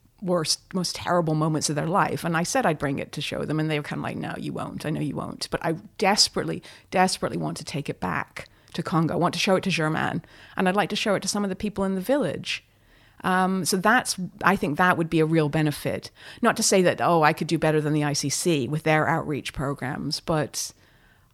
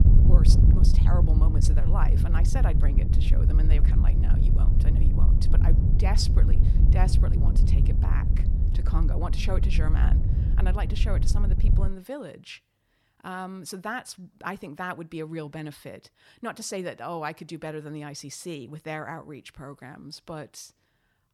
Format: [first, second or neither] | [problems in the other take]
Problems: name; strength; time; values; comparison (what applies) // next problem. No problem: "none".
first | wind noise on the microphone; heavy; until 12 s; 3 dB below the speech